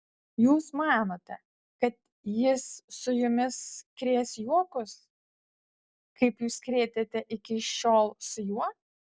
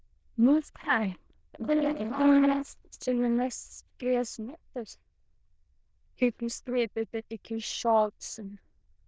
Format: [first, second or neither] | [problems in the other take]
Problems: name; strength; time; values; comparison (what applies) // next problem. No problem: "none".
first | noise reduction (neural diffusion model UNIVERSE++)